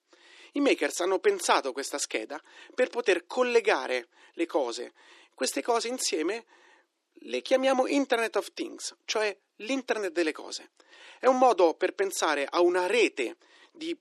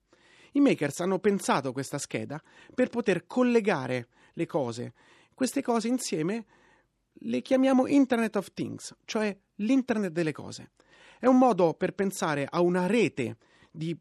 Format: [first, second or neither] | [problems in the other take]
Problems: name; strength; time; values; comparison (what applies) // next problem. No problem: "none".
second | thin; somewhat; fading below 300 Hz